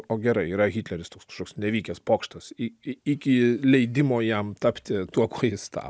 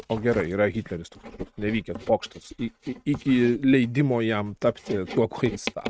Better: first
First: none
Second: noise reduction (neural mask model RNNoise)

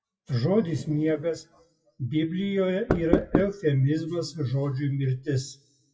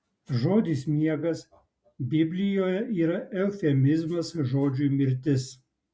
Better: second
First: noise reduction (classical method WPE with log-MMSE)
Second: none

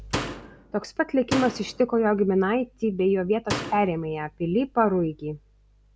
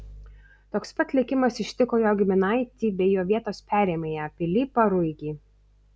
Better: second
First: background sound (Slam); 9 dB below the speech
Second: none

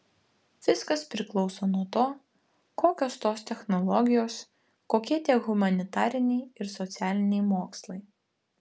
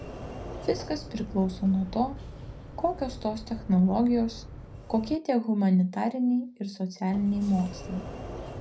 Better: first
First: none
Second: background sound (Sliding door); 13 dB below the speech // room echo; dies away in 0.5 s

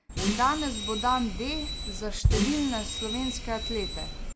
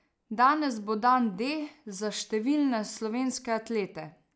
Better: second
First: background sound (Bus + Bass drum); as loud as the speech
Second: none

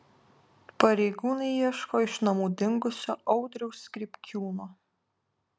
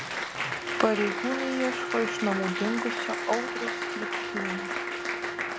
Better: first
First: none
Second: background sound (Wind instrument, woodwind instrument + Applause); as loud as the speech

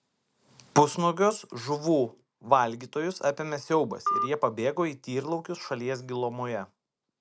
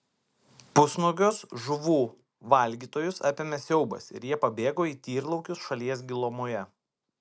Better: second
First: background sound (Telephone); 5 dB below the speech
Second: none

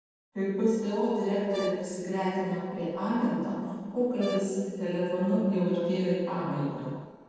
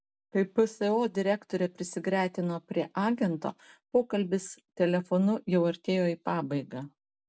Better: second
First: noise reduction (neural separator model SepFormer DNS4)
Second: none

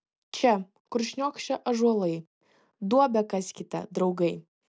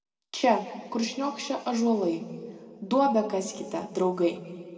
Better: first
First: none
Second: room echo; dies away in 1.8 s

